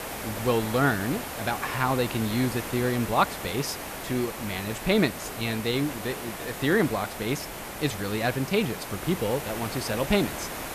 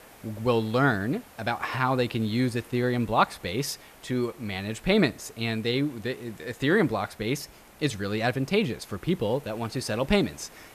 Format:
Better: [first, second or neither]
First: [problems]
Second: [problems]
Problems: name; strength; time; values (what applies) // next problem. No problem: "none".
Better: second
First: hiss; loud; throughout; 7 dB below the speech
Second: hiss; faint; throughout; 25 dB below the speech